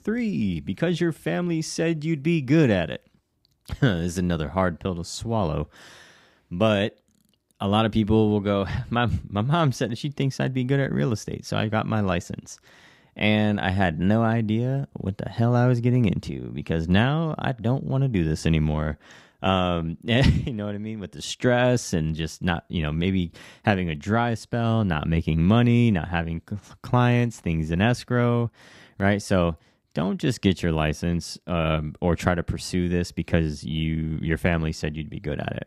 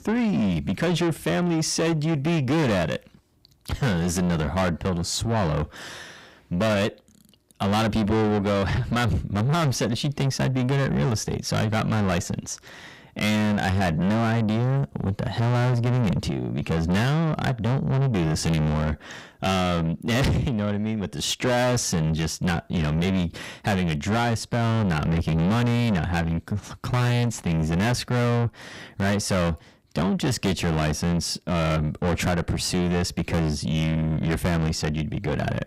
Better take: first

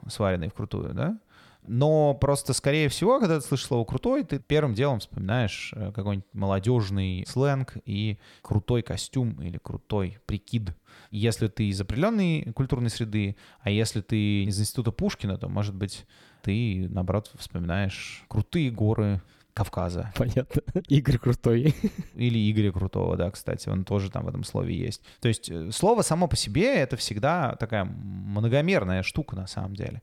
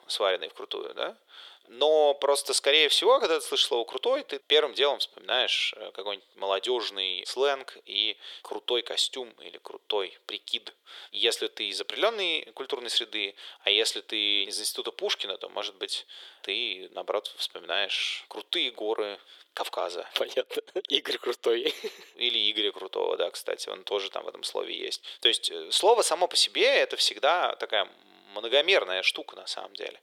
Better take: first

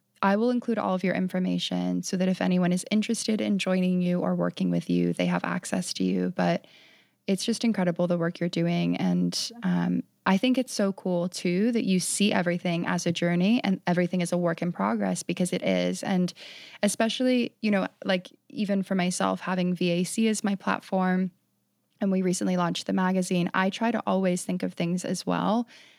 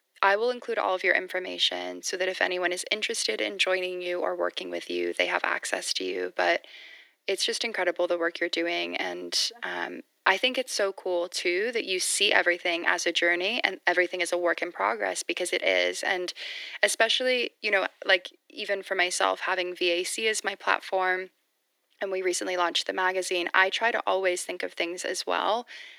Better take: first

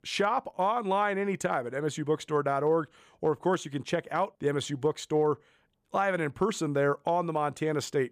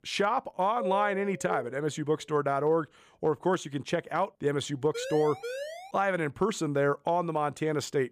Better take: first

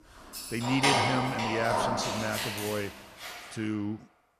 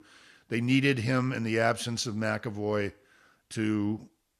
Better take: second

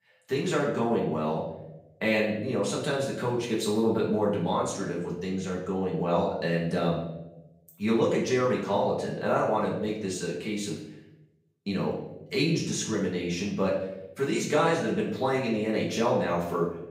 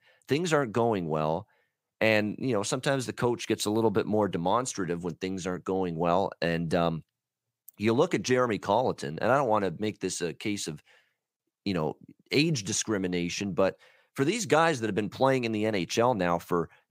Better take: second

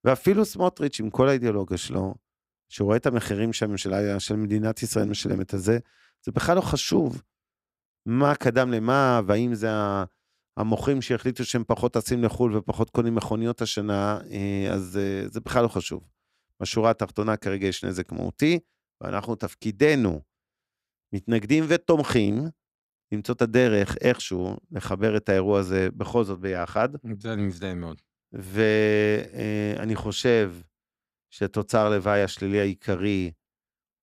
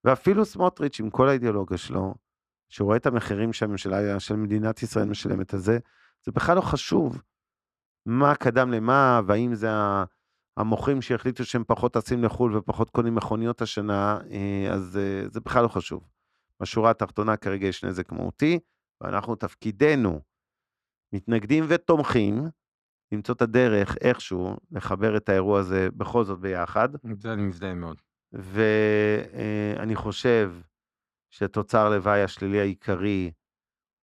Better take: first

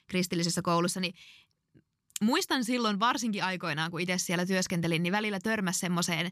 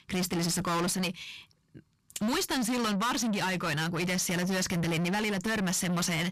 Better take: first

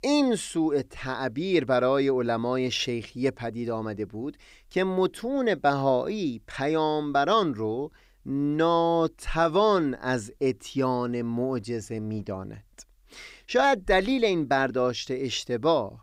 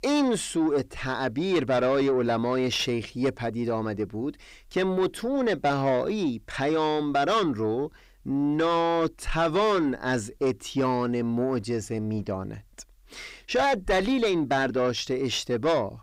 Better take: first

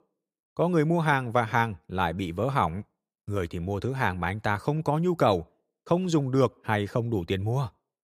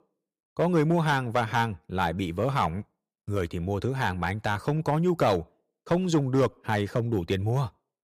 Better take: first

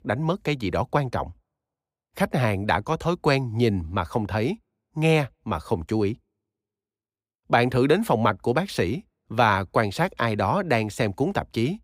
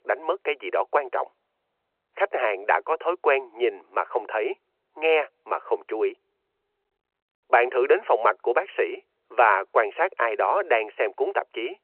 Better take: first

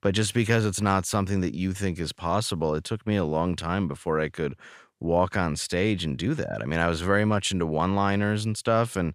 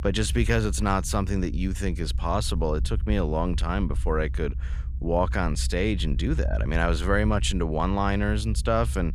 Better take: first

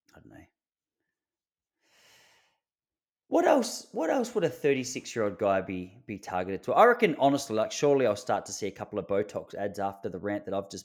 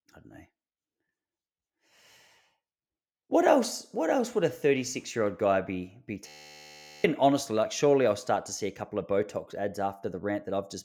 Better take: first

